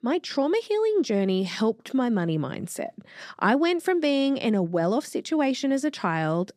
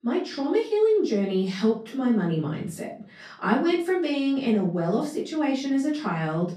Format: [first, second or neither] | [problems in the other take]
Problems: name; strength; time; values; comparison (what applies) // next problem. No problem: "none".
first | off-mic speech; far // room echo; slight; dies away in 0.4 s